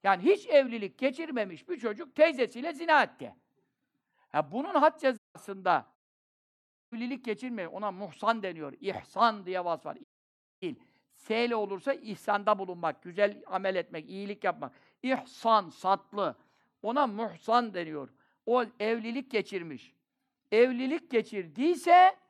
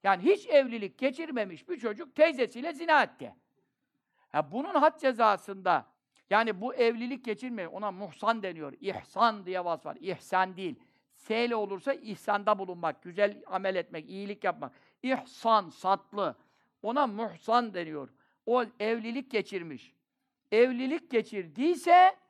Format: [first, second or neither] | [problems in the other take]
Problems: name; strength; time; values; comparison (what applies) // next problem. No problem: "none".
second | audio cutting out; at 5 s, at 6 s for 1 s and at 10 s for 0.5 s